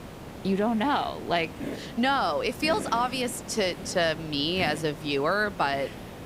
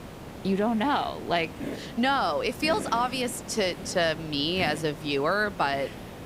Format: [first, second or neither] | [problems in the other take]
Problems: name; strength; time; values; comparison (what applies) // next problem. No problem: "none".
neither | hiss; noticeable; throughout; 10 dB below the speech; the same in both